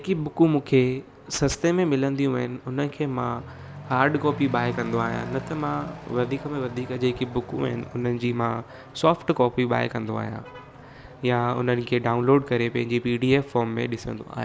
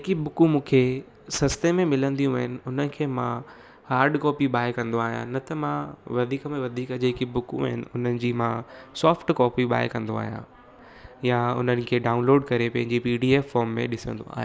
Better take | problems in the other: second | background sound (Accelerating, revving, vroom / Truck); 16 dB below the speech

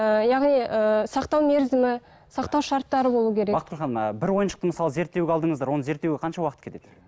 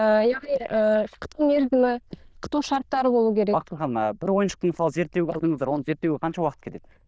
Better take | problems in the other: first | noise reduction (neural diffusion model UNIVERSE++)

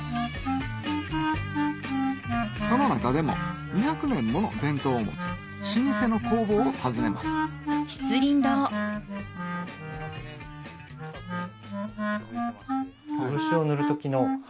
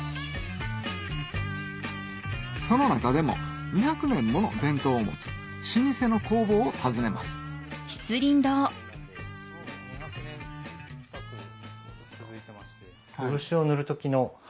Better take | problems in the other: second | background sound (Wind instrument, woodwind instrument); 2 dB below the speech

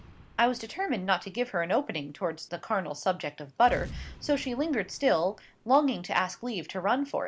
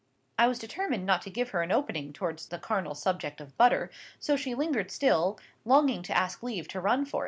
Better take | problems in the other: second | background sound (Boom); 19 dB below the speech

